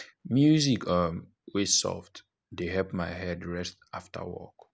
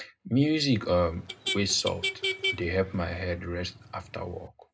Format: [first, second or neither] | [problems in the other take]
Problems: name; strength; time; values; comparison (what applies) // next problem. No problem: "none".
first | background sound (Motor vehicle (road)); 7 dB below the speech // room echo; dies away in 0.2 s